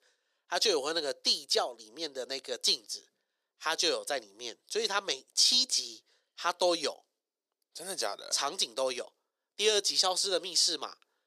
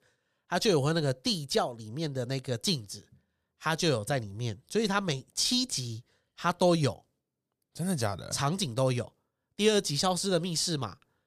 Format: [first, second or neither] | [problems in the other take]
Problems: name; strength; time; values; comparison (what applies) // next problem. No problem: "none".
second | thin; very; fading below 350 Hz